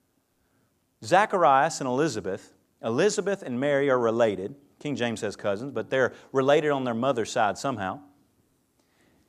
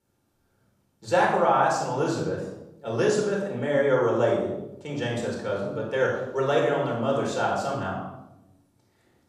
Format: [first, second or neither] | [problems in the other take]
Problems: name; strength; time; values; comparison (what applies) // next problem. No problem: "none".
first | room echo; noticeable; dies away in 0.8 s // off-mic speech; far